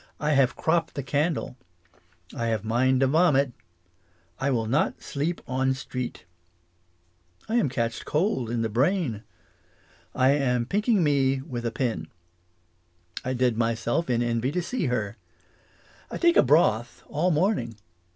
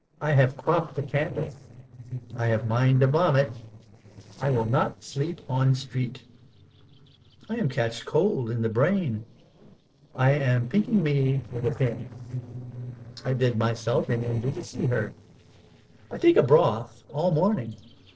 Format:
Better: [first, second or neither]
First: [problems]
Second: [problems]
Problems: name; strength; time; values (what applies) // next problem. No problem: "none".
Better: first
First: none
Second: noise reduction (neural separator model SepFormer DNS4)